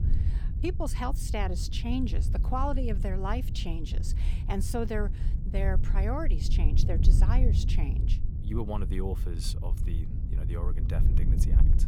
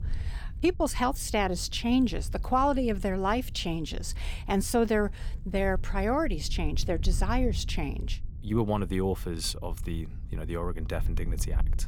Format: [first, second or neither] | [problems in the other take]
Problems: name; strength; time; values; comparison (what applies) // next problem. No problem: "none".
second | low rumble; loud; throughout; 9 dB below the speech; faint in the second